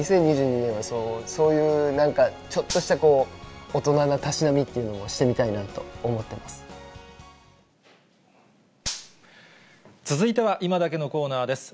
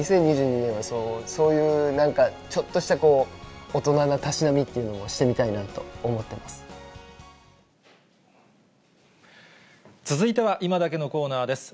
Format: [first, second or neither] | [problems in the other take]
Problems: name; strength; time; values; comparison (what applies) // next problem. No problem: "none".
second | background sound (Gunshot, gunfire); 13 dB below the speech